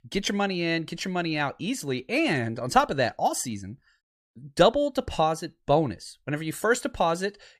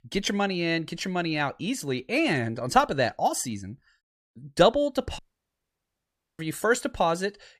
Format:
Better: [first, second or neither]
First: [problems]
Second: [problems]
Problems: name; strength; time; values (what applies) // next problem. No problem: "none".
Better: first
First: none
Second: audio cutting out; at 5 s for 1 s